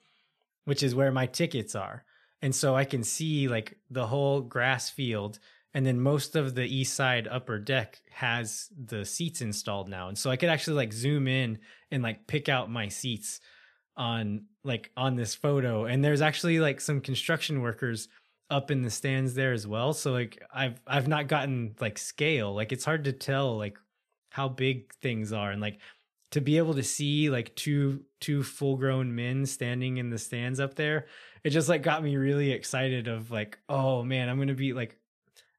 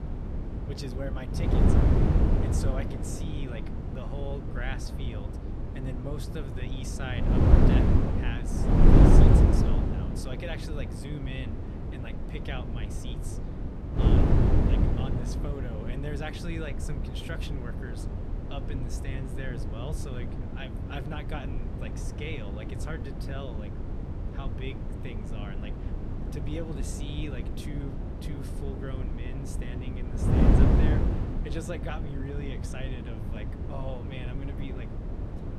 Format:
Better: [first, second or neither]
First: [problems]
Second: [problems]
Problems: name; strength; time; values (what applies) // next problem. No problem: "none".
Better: first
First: none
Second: wind noise on the microphone; heavy; 4 dB above the speech